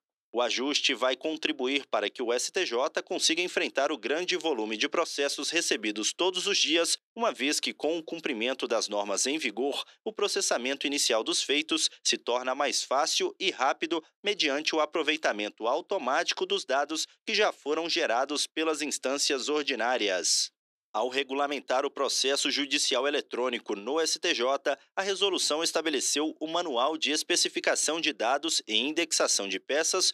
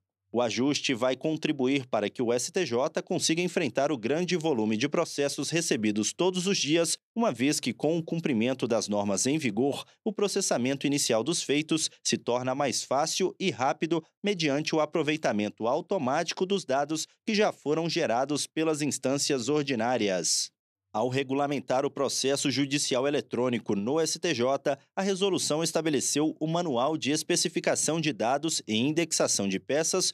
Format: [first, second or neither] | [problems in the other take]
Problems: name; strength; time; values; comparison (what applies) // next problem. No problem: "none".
second | thin; somewhat; fading below 300 Hz